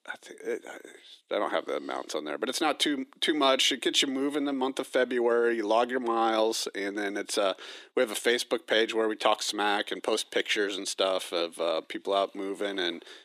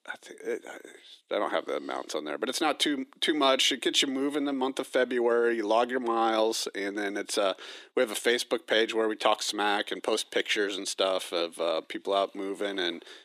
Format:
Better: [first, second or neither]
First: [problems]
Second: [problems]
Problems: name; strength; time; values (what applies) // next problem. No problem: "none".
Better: neither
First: thin; somewhat; fading below 300 Hz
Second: thin; somewhat; fading below 300 Hz